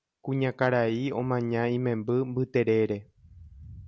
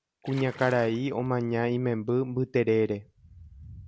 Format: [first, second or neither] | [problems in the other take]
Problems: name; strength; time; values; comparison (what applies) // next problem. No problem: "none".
first | background sound (Splash, splatter); 20 dB below the speech